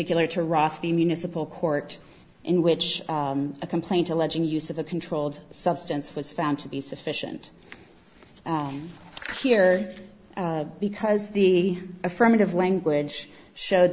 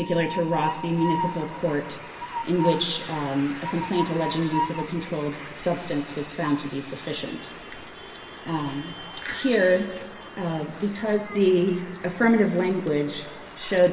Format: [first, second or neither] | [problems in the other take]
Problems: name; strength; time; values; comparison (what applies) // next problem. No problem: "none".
first | background sound (Train); 10 dB below the speech // room echo; dies away in 1.2 s